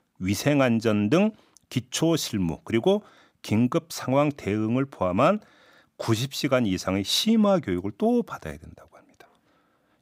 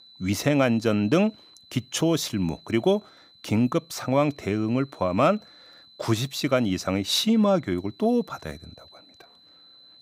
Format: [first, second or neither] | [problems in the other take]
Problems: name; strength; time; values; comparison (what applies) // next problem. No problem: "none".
first | high-pitched whine; faint; throughout; 4 kHz, 25 dB below the speech